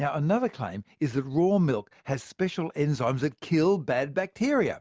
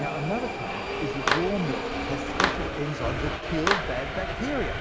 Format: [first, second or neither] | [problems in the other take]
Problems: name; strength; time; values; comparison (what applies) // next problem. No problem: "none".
first | background sound (Subway, metro, underground + Clapping); 3 dB above the speech